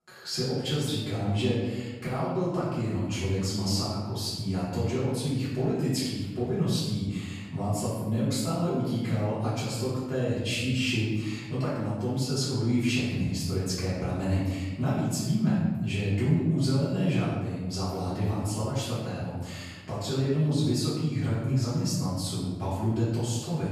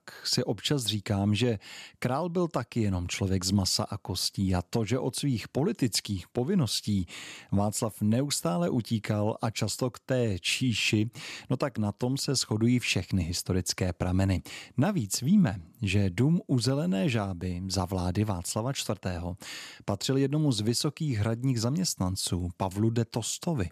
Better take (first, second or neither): second